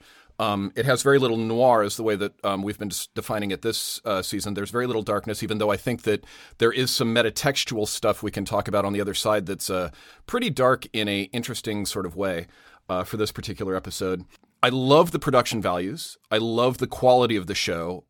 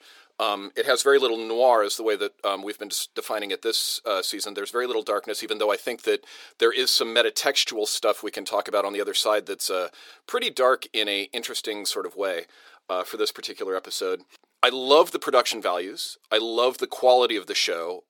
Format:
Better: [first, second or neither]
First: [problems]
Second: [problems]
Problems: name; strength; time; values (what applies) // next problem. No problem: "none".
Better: first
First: none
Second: thin; somewhat; fading below 350 Hz